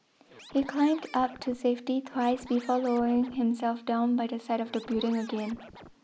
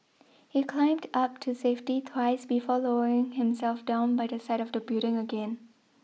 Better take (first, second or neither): second